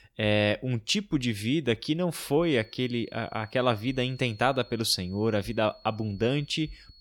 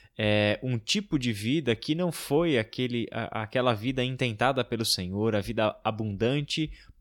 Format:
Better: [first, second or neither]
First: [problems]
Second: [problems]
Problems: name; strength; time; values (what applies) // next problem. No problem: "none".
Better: second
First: high-pitched whine; faint; from 2.5 s on; 4.5 kHz, 25 dB below the speech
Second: none